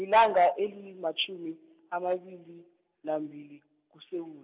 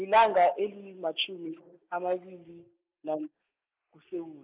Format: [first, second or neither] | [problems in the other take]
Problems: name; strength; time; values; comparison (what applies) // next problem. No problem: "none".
first | noise reduction (neural mask model Resemble Enhance denoiser)